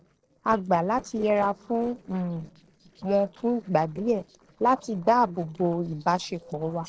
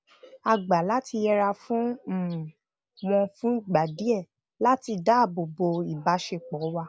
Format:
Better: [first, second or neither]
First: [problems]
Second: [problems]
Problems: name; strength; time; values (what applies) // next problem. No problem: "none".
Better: second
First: noise reduction (neural separator model SepFormer DNS4)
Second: none